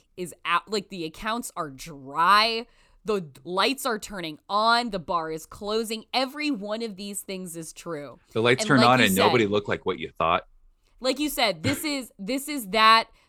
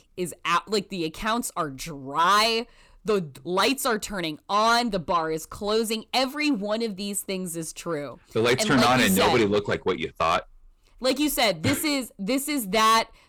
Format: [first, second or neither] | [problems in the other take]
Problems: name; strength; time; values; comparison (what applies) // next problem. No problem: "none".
first | distortion; heavy; 8 dB below the speech